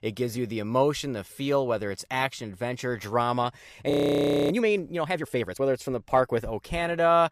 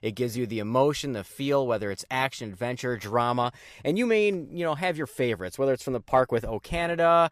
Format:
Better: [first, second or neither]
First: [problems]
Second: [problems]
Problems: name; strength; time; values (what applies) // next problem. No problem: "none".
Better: second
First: audio freezing; at 4 s for 0.5 s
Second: none